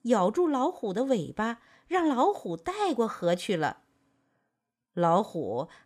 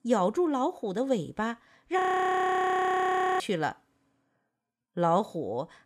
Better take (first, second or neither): first